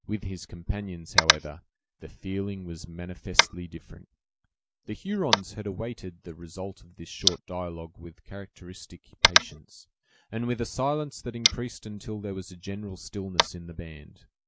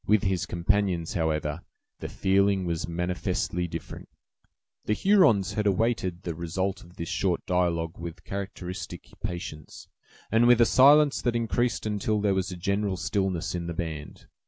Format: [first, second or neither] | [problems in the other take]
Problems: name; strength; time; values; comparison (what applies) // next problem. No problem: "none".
second | noise reduction (neural mask model Resemble Enhance denoiser)